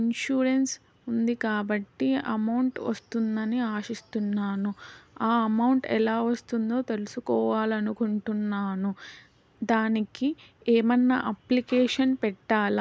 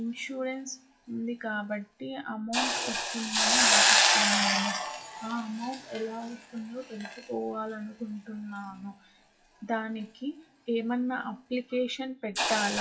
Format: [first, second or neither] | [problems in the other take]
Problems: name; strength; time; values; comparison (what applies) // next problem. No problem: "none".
first | noise reduction (classical method WPE with log-MMSE)